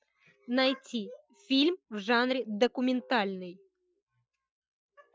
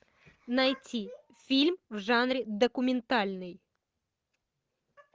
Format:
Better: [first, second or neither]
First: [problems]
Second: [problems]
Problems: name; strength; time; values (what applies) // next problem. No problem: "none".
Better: second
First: noise reduction (classical method Wiener filter)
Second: none